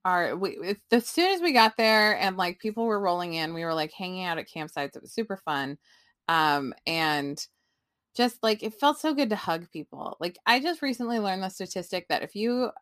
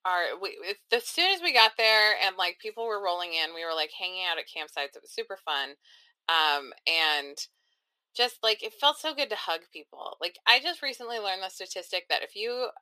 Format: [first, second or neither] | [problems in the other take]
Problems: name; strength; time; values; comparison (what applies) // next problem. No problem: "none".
first | thin; very; fading below 450 Hz